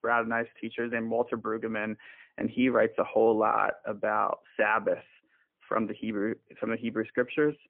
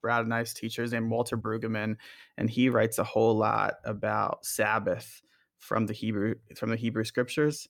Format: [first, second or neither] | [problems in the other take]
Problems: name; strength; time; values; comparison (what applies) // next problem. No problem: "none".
second | phone-call audio; poor line; nothing above 3.5 kHz